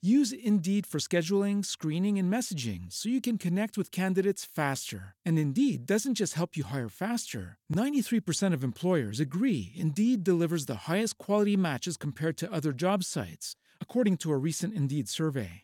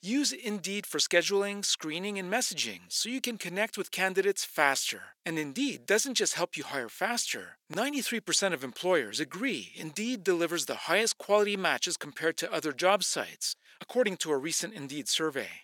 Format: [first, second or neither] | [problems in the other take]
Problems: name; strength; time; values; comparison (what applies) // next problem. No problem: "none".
first | thin; somewhat; fading below 500 Hz